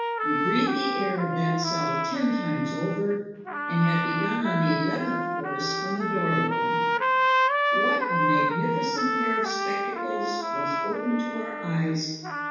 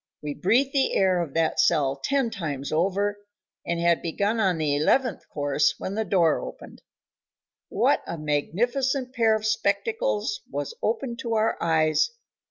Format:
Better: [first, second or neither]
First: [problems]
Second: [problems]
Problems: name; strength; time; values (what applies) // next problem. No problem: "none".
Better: second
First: background sound (Trumpet); 1 dB above the speech // room echo; dies away in 1.2 s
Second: none